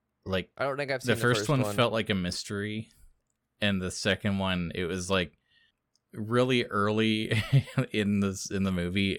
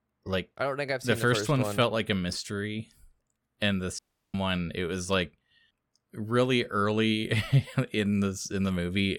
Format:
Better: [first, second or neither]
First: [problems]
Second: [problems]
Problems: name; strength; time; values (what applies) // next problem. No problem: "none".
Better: first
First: none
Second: audio cutting out; at 4 s